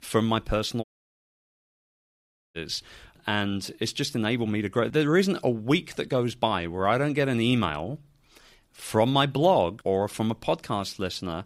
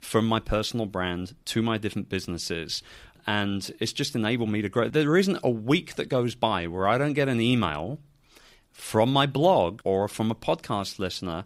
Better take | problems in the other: second | audio cutting out; at 1 s for 1.5 s

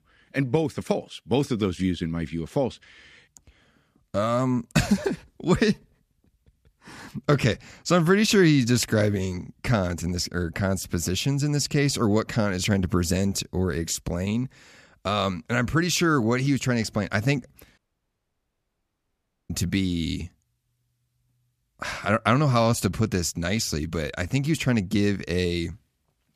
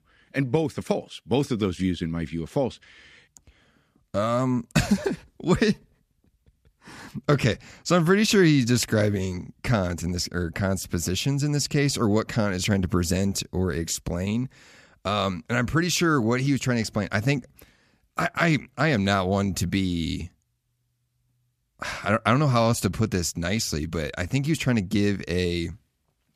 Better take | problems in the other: second | audio cutting out; at 18 s for 1.5 s

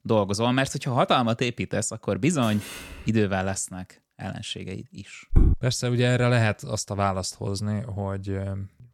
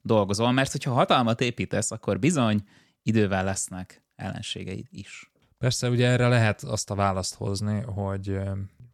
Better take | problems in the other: second | door banging; faint; at 2.5 s; peak 10 dB below the speech // footsteps; loud; at 5.5 s; peak 3 dB above the speech

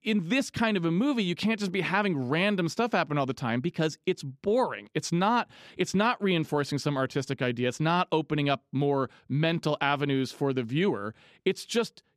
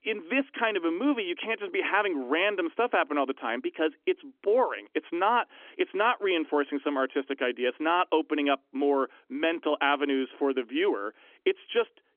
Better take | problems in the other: first | phone-call audio; nothing above 3.5 kHz

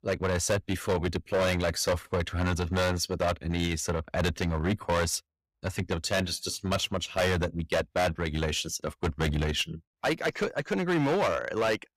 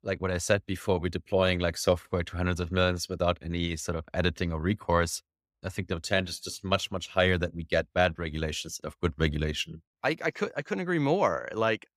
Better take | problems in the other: second | distortion; heavy; 11% of the sound clipped

